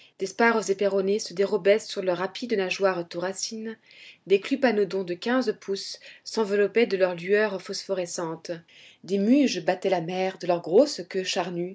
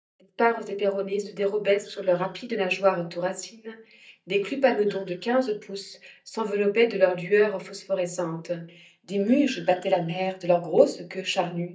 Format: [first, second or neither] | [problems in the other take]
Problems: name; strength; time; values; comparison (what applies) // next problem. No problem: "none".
first | noise reduction (neural mask model DeepFilterNet 3)